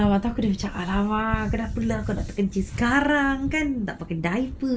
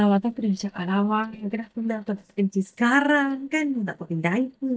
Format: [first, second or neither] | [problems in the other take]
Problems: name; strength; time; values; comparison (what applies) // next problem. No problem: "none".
first | noise reduction (neural mask model DeepFilterNet 3)